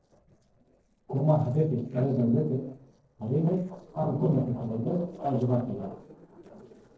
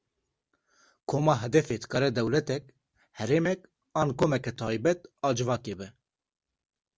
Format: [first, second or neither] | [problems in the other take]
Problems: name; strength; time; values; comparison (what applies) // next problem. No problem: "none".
second | noise reduction (neural separator model SepFormer DNS4)